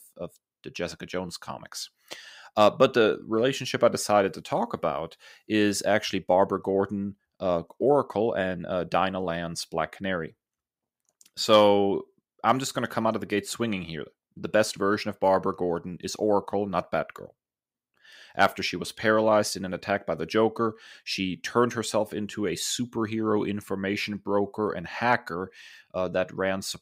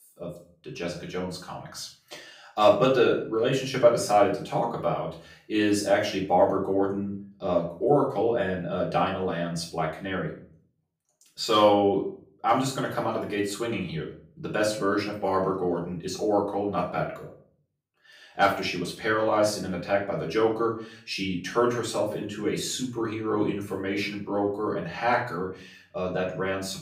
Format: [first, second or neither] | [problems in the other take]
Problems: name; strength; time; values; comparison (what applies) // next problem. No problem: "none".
first | off-mic speech; far // room echo; slight; dies away in 0.4 s